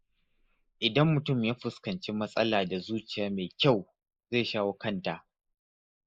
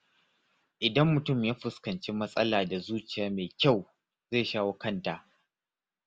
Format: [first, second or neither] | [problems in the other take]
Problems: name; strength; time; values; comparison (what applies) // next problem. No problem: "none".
second | noise reduction (neural mask model Resemble Enhance denoiser)